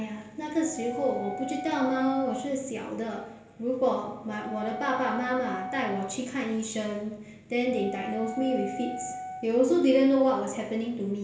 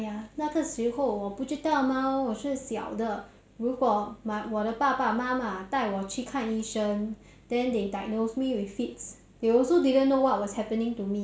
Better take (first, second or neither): second